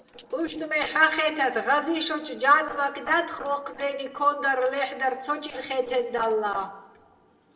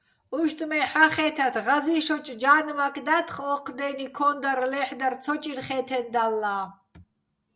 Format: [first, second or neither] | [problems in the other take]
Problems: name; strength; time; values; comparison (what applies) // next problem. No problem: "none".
second | noise reduction (neural separator model SepFormer DNS4)